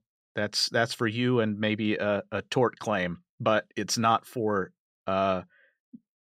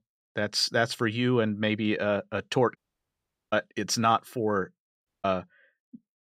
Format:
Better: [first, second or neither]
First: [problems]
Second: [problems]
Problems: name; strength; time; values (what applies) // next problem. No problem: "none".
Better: first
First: none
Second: audio cutting out; at 3 s for 1 s and at 5 s